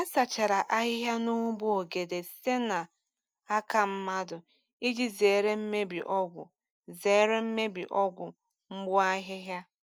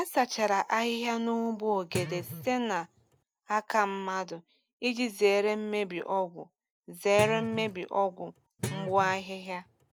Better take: first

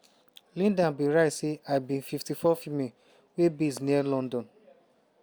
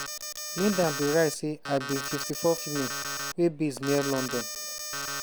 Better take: first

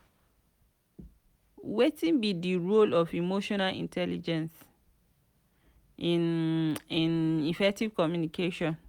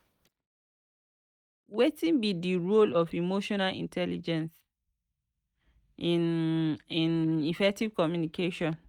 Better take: first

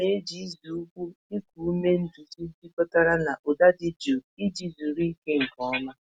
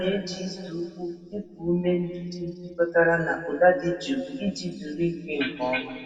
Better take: first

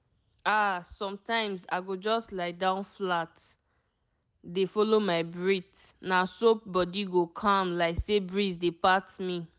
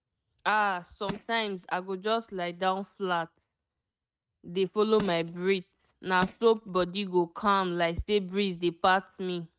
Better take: first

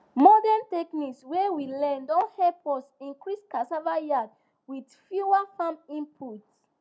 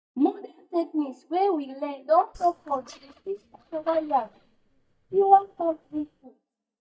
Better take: first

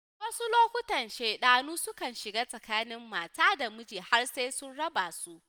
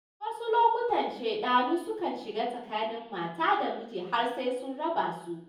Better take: first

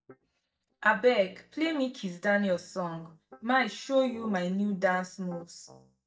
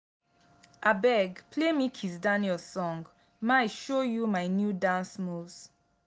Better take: second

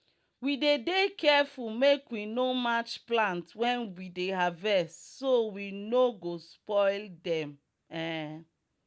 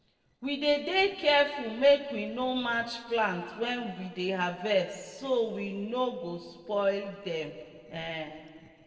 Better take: first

